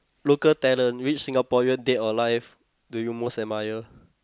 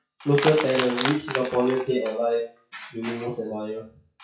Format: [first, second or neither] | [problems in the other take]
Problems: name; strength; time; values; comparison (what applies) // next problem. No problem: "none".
first | noise reduction (classical method WPE with log-MMSE)